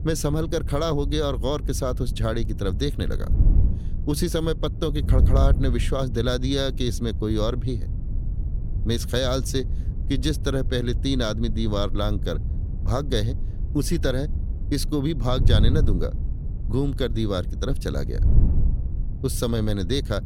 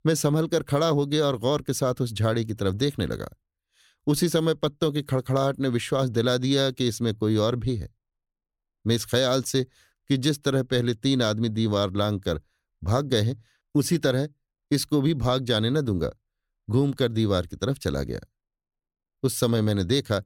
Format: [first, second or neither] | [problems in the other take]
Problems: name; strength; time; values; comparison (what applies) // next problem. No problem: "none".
second | wind noise on the microphone; occasional gusts; 15 dB below the speech